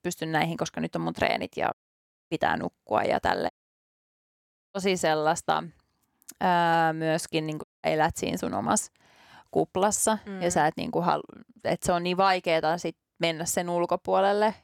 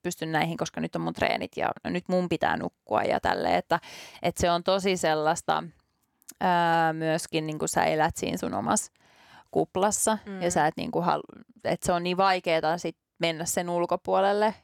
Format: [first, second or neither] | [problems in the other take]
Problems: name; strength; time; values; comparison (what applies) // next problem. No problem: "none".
second | audio cutting out; at 1.5 s for 0.5 s, at 3.5 s for 1 s and at 7.5 s